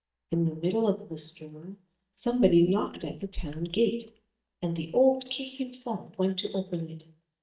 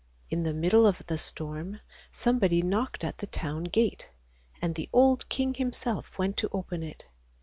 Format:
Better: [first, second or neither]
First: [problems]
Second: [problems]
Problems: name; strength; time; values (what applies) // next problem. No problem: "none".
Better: second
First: noise reduction (neural mask model DeepFilterNet 3)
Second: none